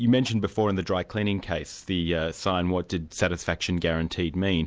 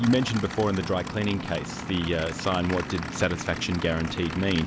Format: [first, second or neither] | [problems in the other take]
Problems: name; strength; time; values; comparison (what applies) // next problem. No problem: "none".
first | background sound (Idling / Aircraft); 8 dB below the speech